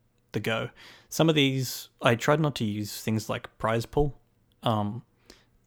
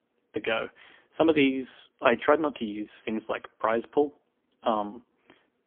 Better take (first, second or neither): first